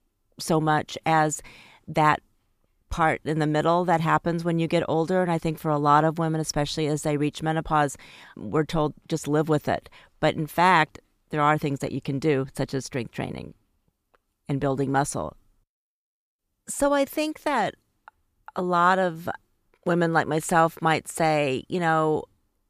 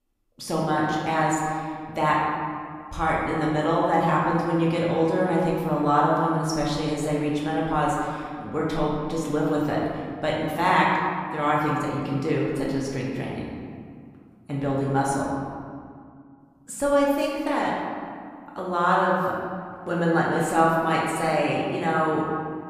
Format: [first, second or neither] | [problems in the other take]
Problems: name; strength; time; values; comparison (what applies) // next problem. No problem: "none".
first | room echo; noticeable; dies away in 1.9 s // off-mic speech; far